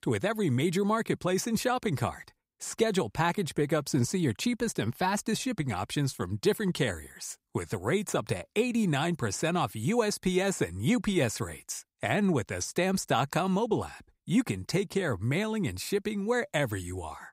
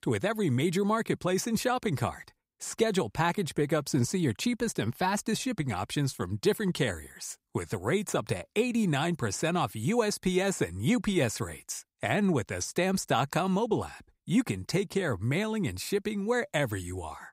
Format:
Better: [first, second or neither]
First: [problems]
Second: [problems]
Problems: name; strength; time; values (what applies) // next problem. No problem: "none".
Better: neither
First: none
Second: none